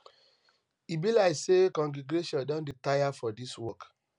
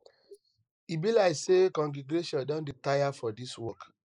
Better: first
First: none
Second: noise reduction (neural mask model Resemble Enhance denoiser)

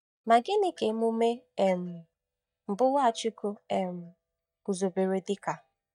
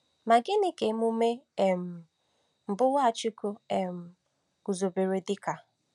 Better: second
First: noise reduction (neural mask model DeepFilterNet 3)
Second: none

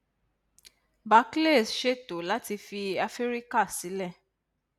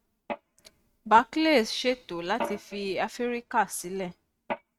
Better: first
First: none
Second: noise reduction (neural mask model RNNoise)

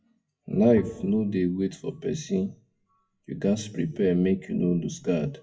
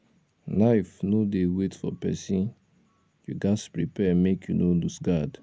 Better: second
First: noise reduction (classical method WPE with log-MMSE)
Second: none

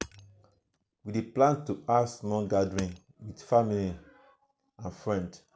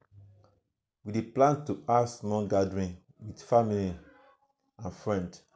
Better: second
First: background sound (Hammer); 19 dB below the speech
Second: none

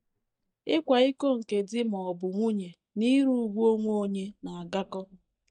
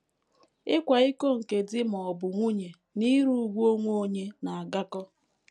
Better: second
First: noise reduction (neural mask model DeepFilterNet 3)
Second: none

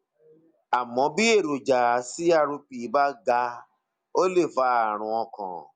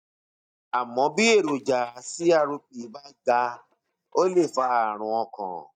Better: first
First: none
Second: noise reduction (neural mask model DeepFilterNet 3)

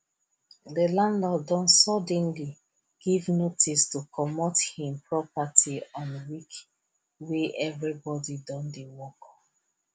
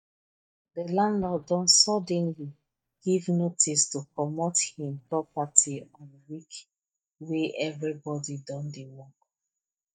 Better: first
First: none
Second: noise reduction (neural mask model DeepFilterNet 3)

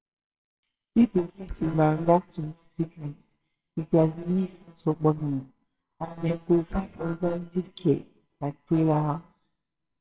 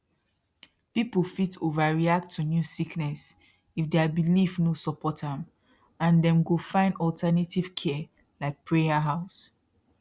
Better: second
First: noise reduction (neural separator model SepFormer WHAMR!)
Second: none

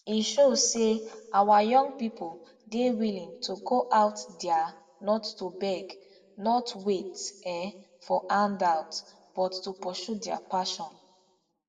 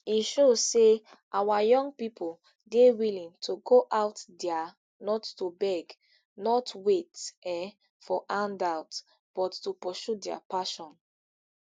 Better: second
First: room echo; dies away in 0.8 s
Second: none

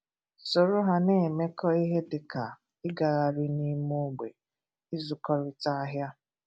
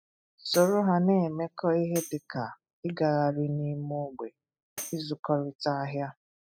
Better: first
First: none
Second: noise reduction (classical method spectral subtraction)

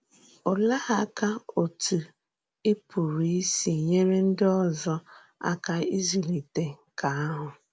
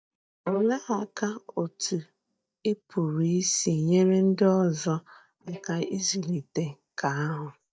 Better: first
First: none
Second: noise reduction (neural mask model DeepFilterNet 3)

